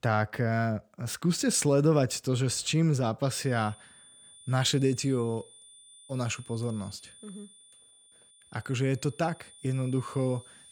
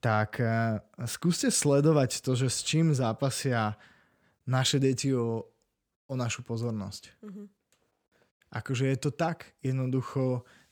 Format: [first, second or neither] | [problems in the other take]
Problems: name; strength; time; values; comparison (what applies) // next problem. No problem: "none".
second | high-pitched whine; faint; from 3.5 s on; 9.5 kHz, 25 dB below the speech